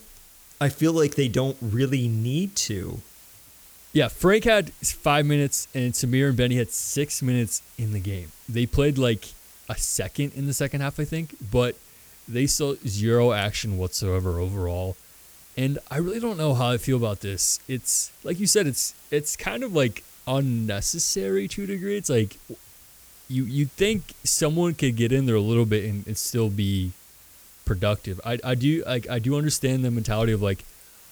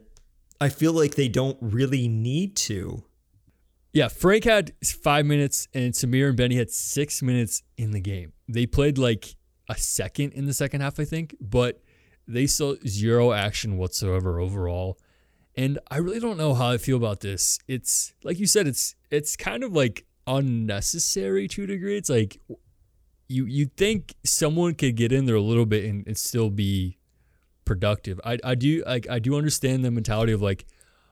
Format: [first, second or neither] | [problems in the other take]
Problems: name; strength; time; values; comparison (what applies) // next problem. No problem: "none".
second | hiss; faint; throughout; 20 dB below the speech